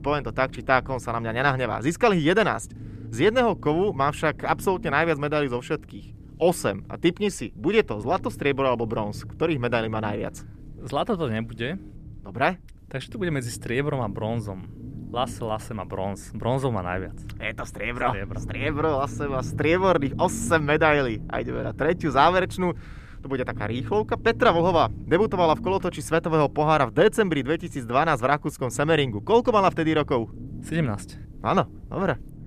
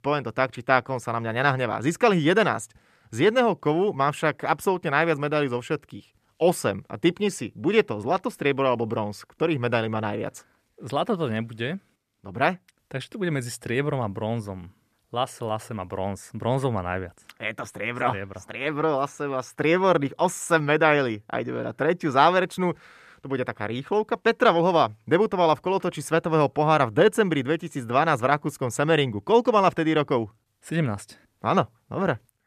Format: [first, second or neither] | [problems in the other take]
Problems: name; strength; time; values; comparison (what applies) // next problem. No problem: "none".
second | low rumble; faint; throughout; 25 dB below the speech